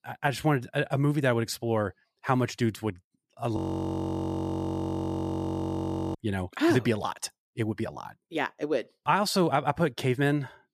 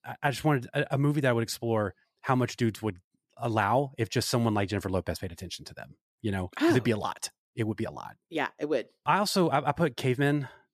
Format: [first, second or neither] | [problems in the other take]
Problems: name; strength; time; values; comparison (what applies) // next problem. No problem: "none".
second | audio freezing; at 3.5 s for 2.5 s